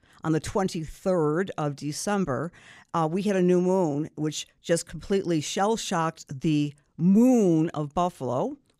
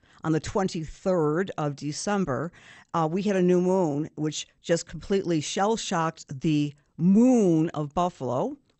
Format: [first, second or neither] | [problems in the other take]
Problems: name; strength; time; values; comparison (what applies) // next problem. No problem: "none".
first | garbled, watery; slightly; nothing above 8 kHz